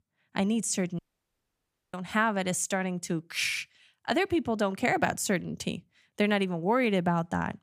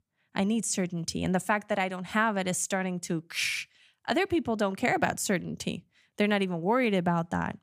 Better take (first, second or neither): second